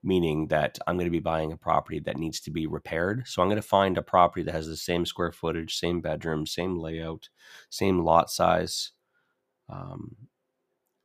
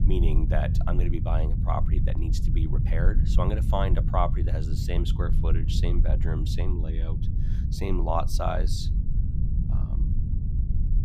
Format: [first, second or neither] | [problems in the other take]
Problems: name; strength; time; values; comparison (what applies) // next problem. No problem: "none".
first | low rumble; loud; throughout; 9 dB below the speech